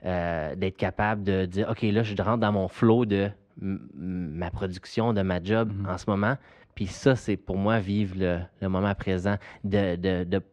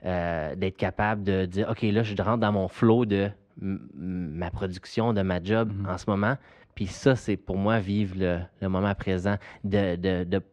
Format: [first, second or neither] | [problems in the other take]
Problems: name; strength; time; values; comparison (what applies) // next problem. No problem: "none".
neither | muffled; very; fading above 2.5 kHz; the same in both